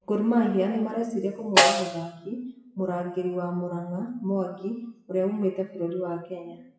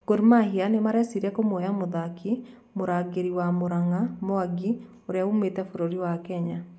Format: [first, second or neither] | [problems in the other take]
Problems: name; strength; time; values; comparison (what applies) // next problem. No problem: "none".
second | noise reduction (classical method WPE with log-MMSE)